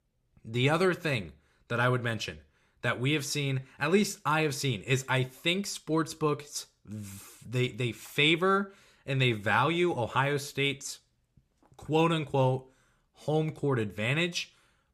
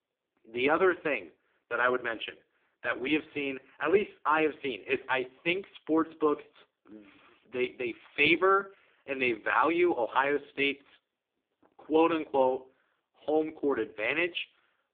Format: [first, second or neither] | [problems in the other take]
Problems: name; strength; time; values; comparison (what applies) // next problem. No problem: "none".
first | phone-call audio; poor line